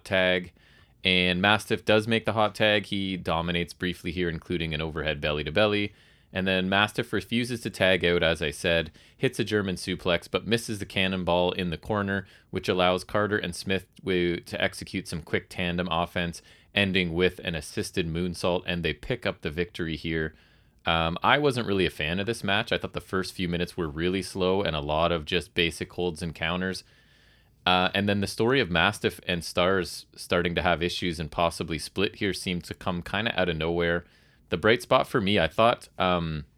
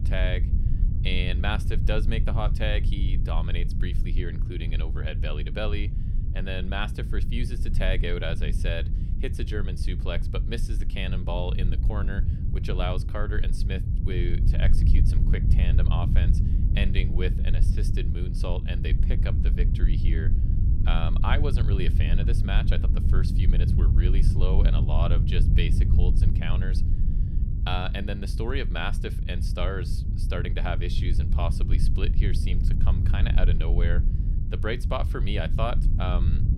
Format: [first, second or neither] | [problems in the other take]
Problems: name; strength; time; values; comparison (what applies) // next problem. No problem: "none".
first | low rumble; loud; throughout; 7 dB below the speech